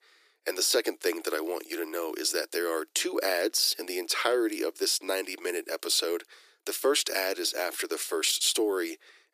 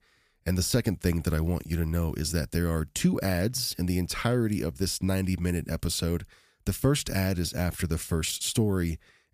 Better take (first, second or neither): second